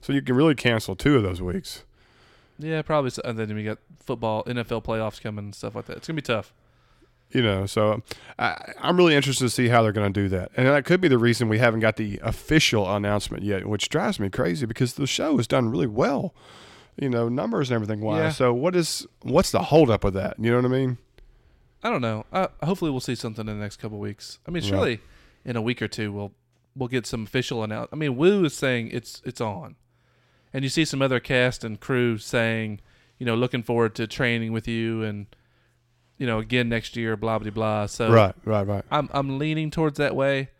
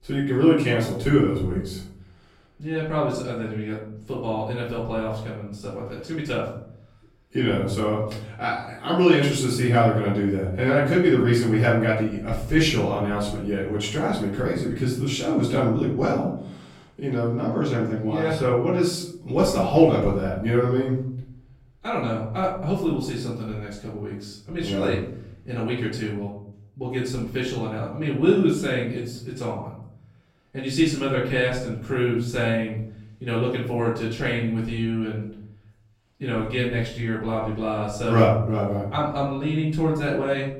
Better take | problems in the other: first | off-mic speech; far // room echo; noticeable; dies away in 0.7 s

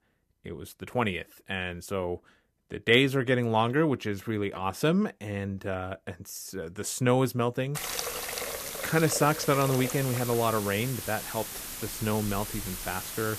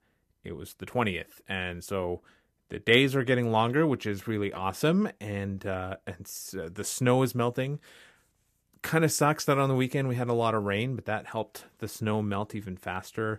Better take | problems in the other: second | hiss; loud; from 8 s on; 6 dB below the speech

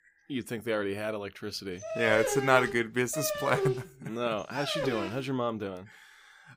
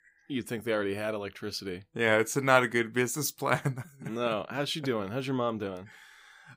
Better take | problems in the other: second | dog barking; loud; from 2 to 5 s; peak level with the speech

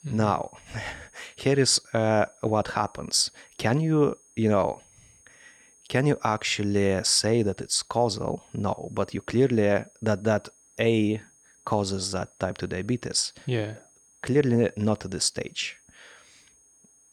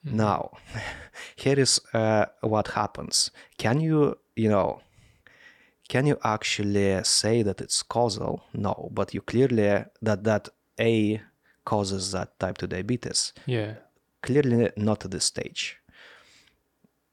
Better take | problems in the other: second | high-pitched whine; faint; throughout; 6.5 kHz, 30 dB below the speech

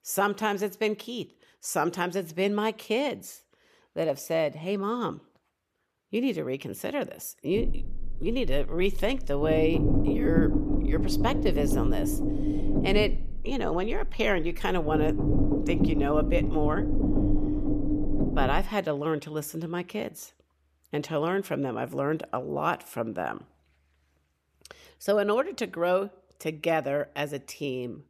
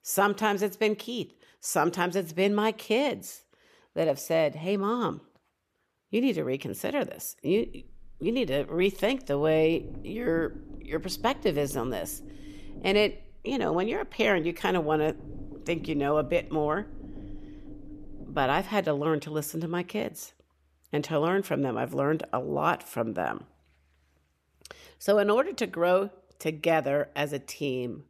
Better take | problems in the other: second | low rumble; loud; from 7.5 to 19 s; 4 dB below the speech; faint in the second

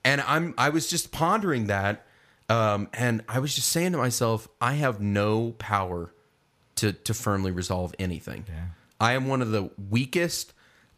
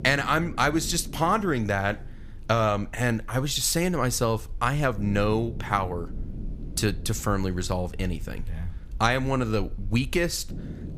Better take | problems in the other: first | low rumble; faint; throughout; 25 dB below the speech

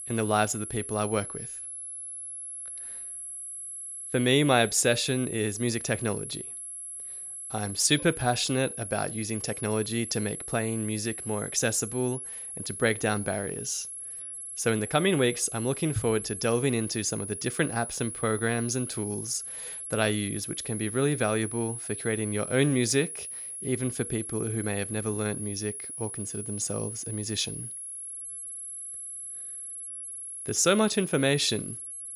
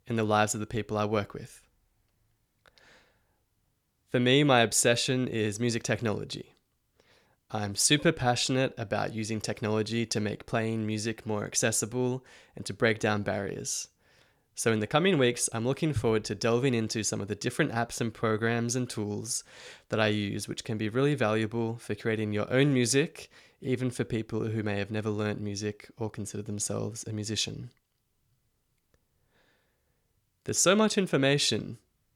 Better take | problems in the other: second | high-pitched whine; loud; throughout; 11 kHz, 7 dB below the speech

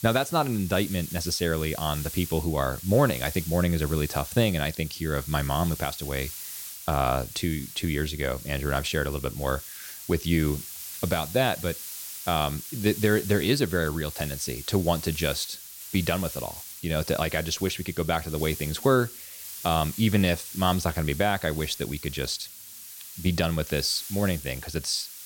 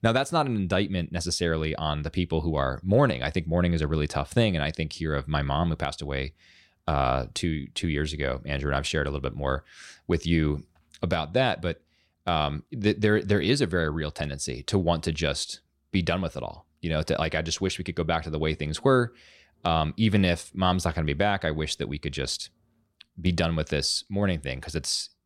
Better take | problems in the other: second | hiss; noticeable; throughout; 10 dB below the speech

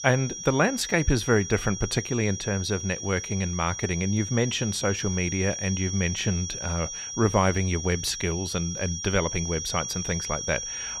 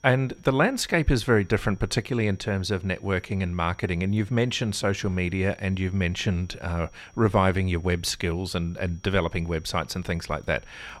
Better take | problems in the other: second | high-pitched whine; loud; throughout; 5.5 kHz, 6 dB below the speech; faint in the second

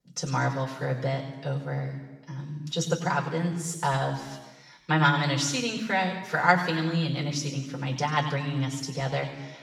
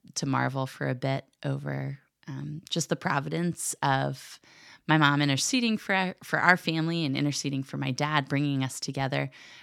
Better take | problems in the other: second | room echo; noticeable; dies away in 1 s // off-mic speech; far

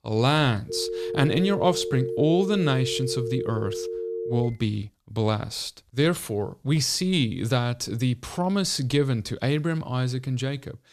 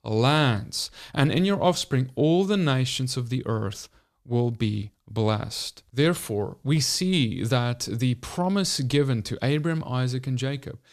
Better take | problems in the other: second | phone ringing; noticeable; until 4.5 s; peak 5 dB below the speech

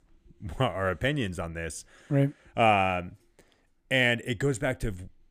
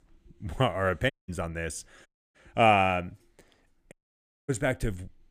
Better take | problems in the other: first | audio cutting out; at 1 s, at 2 s and at 4 s for 0.5 s

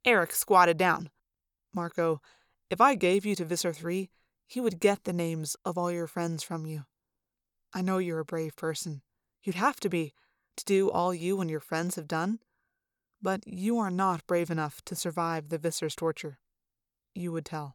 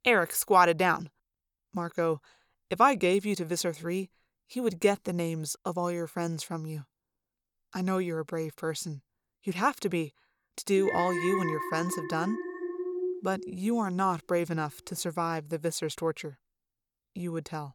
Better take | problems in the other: first | alarm; noticeable; from 11 to 14 s; peak 2 dB below the speech

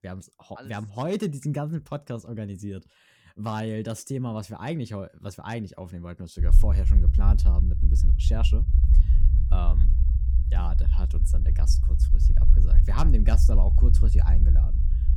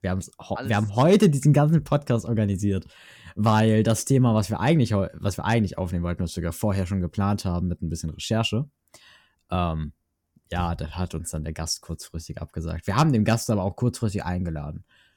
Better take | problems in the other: second | low rumble; loud; from 6.5 s on; 6 dB below the speech

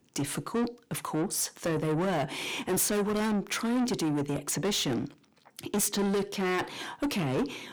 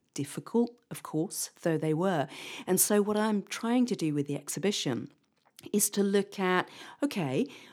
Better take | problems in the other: second | distortion; heavy; 6 dB below the speech

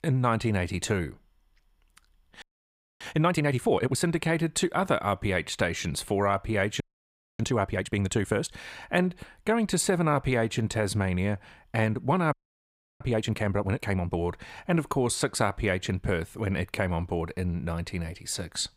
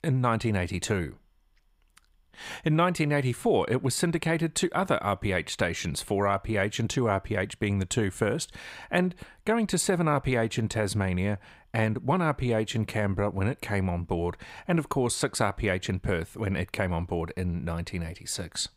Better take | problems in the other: second | audio freezing; at 2.5 s for 0.5 s, at 7 s for 0.5 s and at 12 s for 0.5 s

